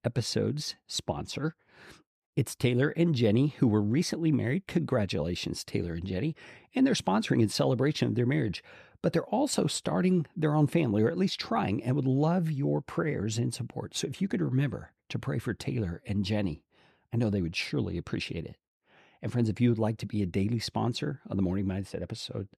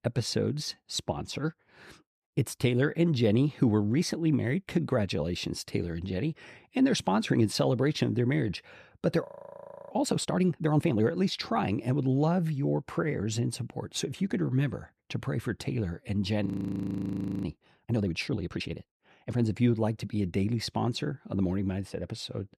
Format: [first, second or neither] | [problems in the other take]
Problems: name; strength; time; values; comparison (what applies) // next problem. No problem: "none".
first | audio freezing; at 9.5 s for 0.5 s and at 16 s for 1 s